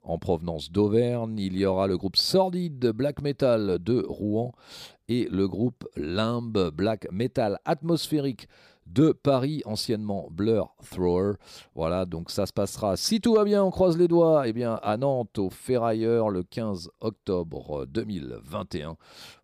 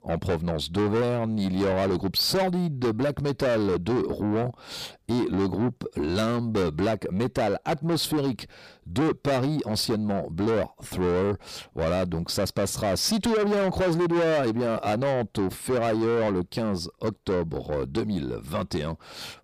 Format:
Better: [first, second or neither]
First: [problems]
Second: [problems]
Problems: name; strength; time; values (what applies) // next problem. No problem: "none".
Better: first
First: none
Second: distortion; heavy; 6 dB below the speech